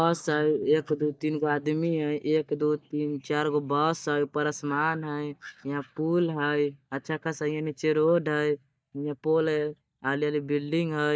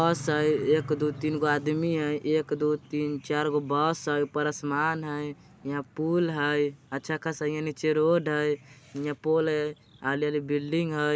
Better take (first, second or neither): second